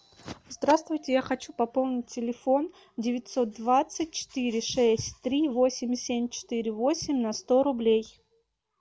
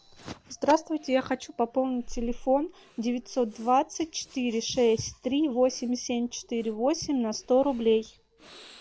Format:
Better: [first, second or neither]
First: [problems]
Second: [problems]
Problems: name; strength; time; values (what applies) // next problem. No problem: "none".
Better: first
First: none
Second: background sound (Breathing); 19 dB below the speech